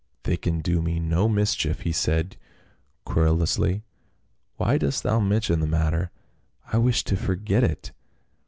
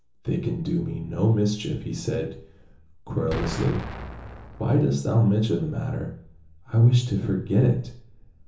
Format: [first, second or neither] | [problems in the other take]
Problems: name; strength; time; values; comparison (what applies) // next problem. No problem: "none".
first | background sound (Explosion); 12 dB below the speech // room echo; dies away in 1.2 s